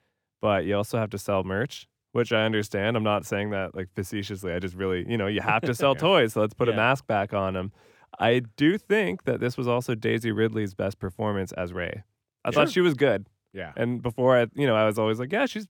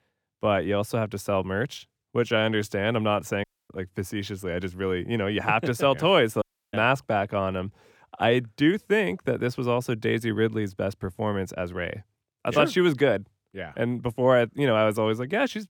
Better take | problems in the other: first | audio cutting out; at 3.5 s and at 6.5 s

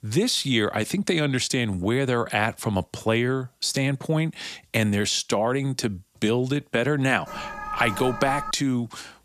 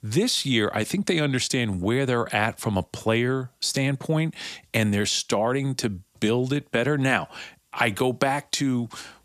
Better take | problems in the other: second | alarm; noticeable; from 7.5 to 8.5 s; peak 7 dB below the speech

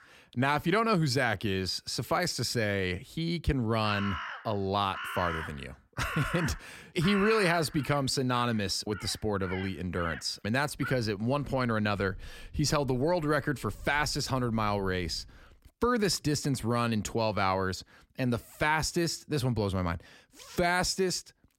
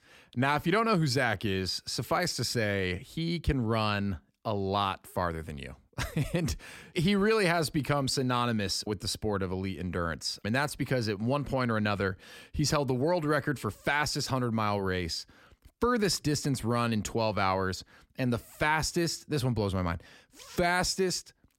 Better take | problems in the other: second | animal sounds; noticeable; until 15 s; 10 dB below the speech

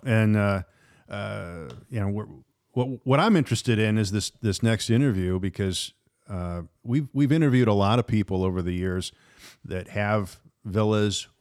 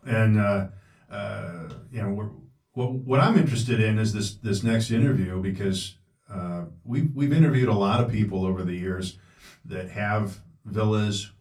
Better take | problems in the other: first | off-mic speech; far // room echo; very slight; dies away in 0.2 s

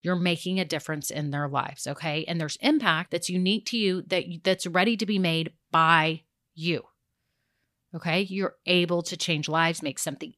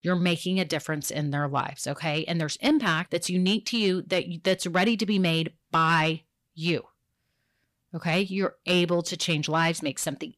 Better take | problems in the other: first | distortion; slight; 10 dB below the speech

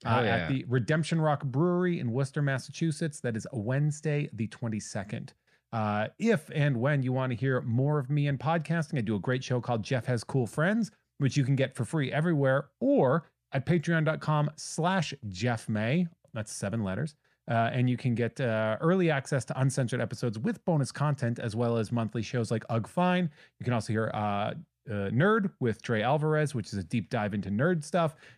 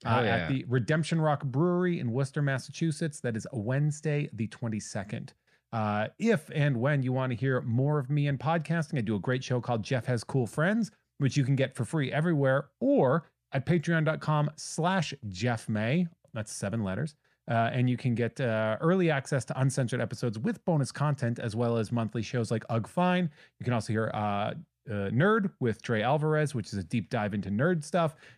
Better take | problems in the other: neither | none

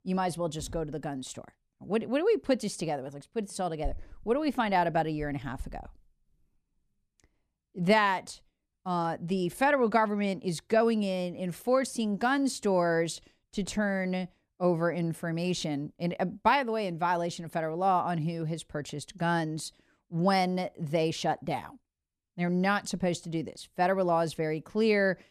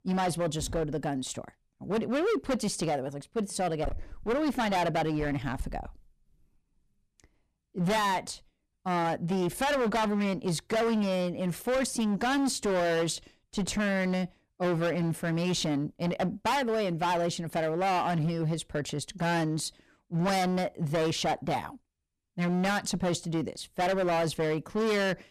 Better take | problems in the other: first | distortion; heavy; 19% of the sound clipped

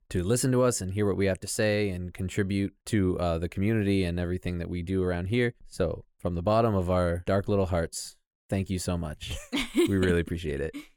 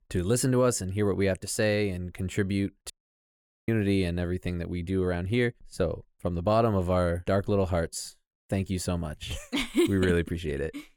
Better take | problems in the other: first | audio cutting out; at 3 s for 1 s

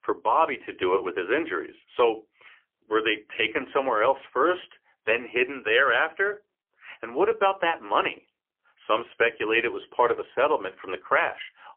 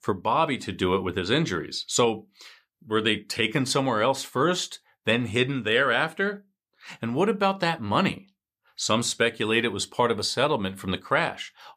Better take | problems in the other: second | phone-call audio; poor line; nothing above 3 kHz

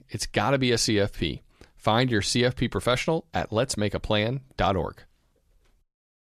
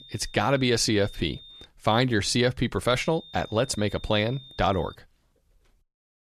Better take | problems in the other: first | high-pitched whine; faint; until 1.5 s and from 3 to 5 s; 3.5 kHz, 20 dB below the speech

